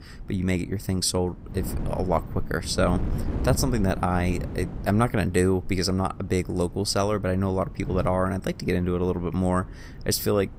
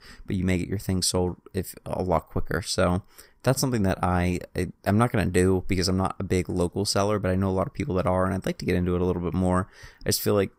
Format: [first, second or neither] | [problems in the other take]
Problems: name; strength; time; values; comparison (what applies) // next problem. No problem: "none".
second | wind noise on the microphone; occasional gusts; 15 dB below the speech